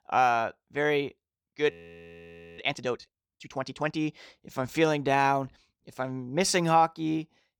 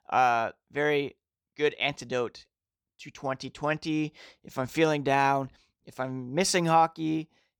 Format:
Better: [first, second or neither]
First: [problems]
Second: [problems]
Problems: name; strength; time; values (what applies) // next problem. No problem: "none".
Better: second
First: audio freezing; at 1.5 s for 1 s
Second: none